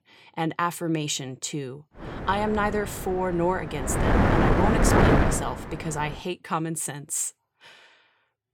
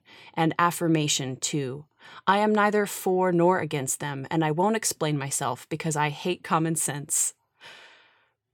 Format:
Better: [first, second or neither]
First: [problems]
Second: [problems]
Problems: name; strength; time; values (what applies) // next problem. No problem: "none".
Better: second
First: wind noise on the microphone; heavy; from 2 to 6 s; 4 dB above the speech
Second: none